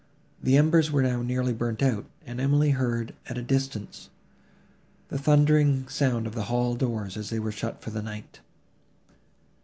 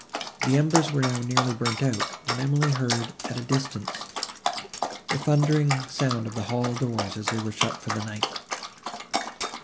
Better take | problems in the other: first | background sound (Dog); 4 dB below the speech

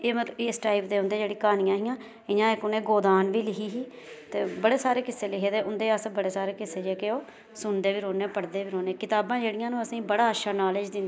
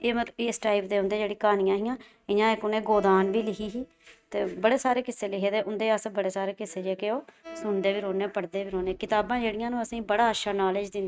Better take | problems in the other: first | noise reduction (neural mask model RNNoise)

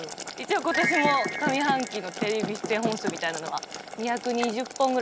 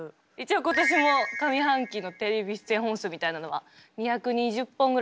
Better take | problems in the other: second | background sound (Boiling + Knock / Wood); 8 dB below the speech

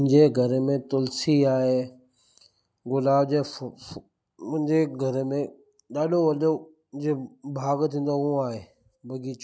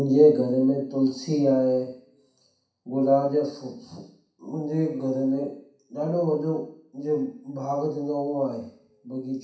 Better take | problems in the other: first | room echo; dies away in 0.6 s

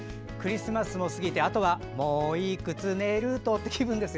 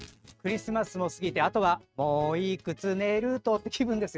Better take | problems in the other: first | noise reduction (neural mask model RNNoise)

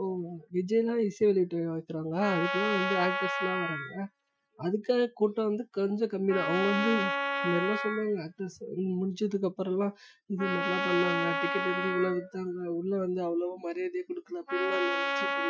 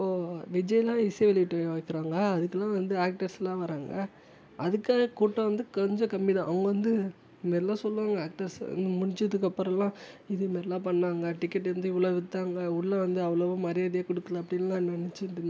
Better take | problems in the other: second | noise reduction (classical method Wiener filter)

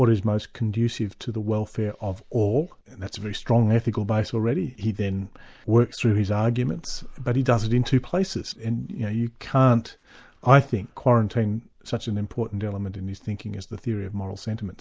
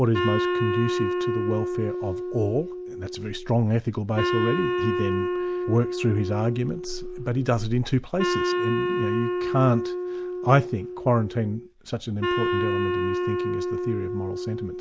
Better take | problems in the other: first | background sound (Wind instrument, woodwind instrument); 2 dB below the speech

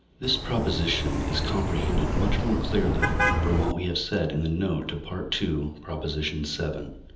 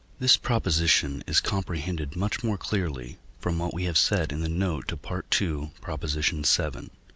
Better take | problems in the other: second | background sound (Car passing by); 2 dB above the speech // room echo; dies away in 1.2 s

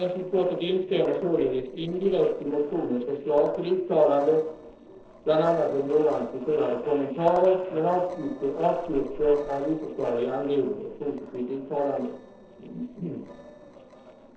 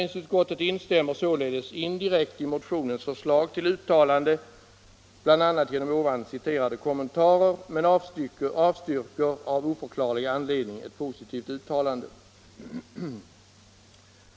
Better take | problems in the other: second | noise reduction (neural separator model SepFormer DNS4)

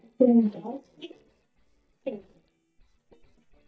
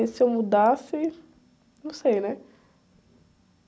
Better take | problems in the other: second | noise reduction (neural mask model DeepFilterNet 3)

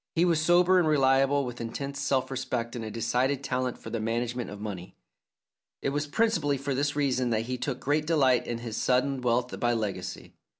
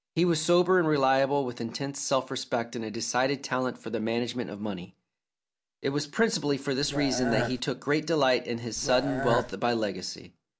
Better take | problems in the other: first | background sound (Burping, eructation); 4 dB below the speech

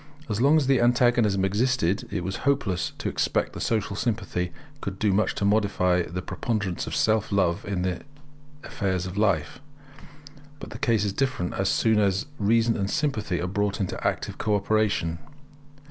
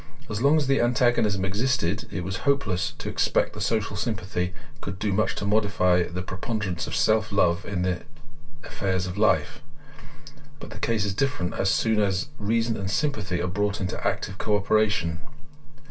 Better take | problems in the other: first | room echo; dies away in 0.1 s

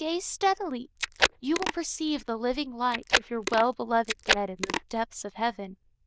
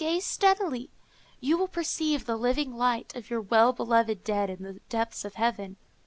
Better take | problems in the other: second | noise reduction (neural diffusion model UNIVERSE++)

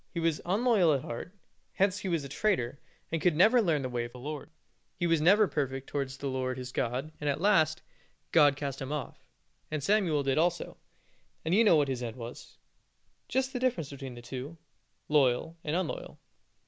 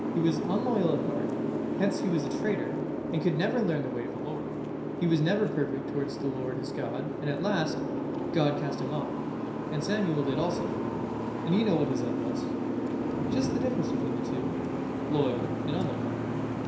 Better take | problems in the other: first | background sound (Boat, Water vehicle); as loud as the speech // room echo; dies away in 0.7 s

